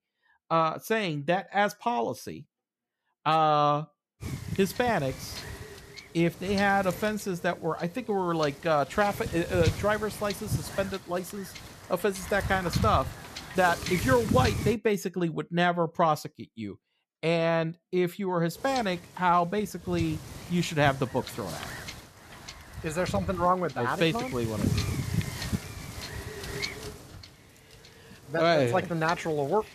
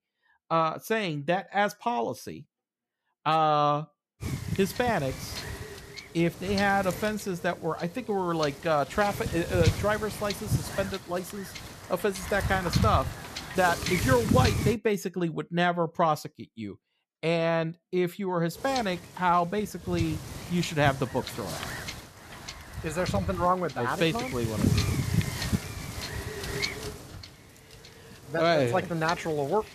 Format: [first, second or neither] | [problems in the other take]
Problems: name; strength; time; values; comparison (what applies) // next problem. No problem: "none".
first | wind noise on the microphone; heavy; from 4 to 15 s and from 19 s on; 10 dB below the speech; occasional gusts in the first